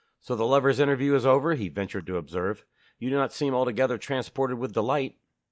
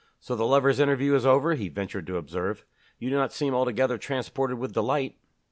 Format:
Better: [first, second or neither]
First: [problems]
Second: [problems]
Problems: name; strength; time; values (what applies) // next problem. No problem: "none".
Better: second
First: noise reduction (neural mask model DeepFilterNet 3)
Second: none